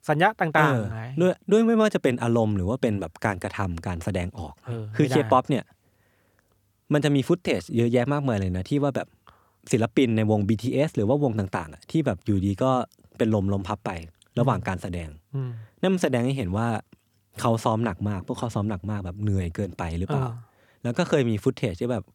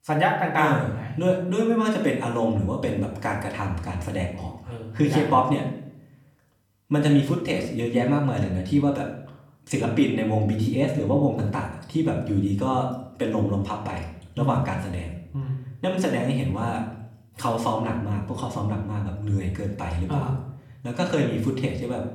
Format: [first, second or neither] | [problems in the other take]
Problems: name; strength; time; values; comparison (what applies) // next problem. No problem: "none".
first | room echo; slight; dies away in 0.6 s // off-mic speech; far